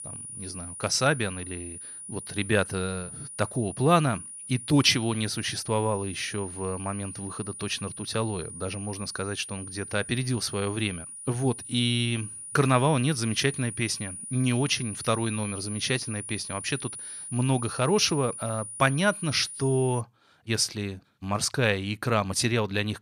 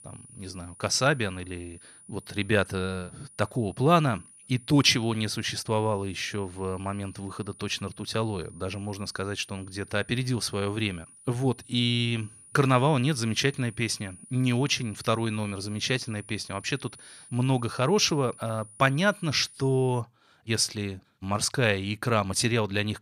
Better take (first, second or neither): second